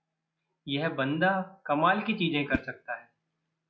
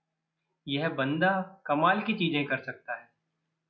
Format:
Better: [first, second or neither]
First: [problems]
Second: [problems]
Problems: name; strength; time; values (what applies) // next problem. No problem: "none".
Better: second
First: background sound (Whoosh, swoosh, swish); 12 dB below the speech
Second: none